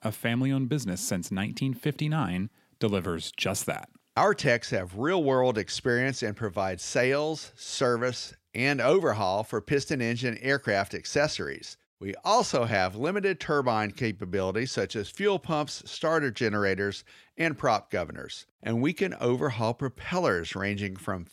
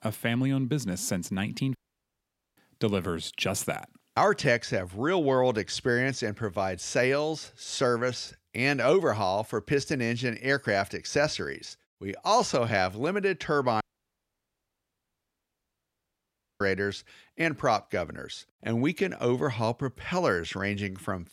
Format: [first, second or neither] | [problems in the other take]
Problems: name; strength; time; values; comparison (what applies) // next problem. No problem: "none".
first | audio cutting out; at 2 s for 1 s and at 14 s for 3 s